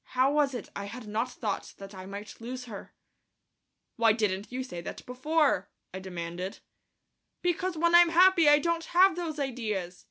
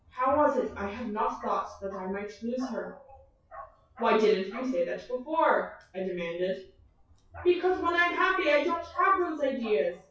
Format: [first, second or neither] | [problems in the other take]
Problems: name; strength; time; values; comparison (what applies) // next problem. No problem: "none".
first | noise reduction (classical method WPE with log-MMSE)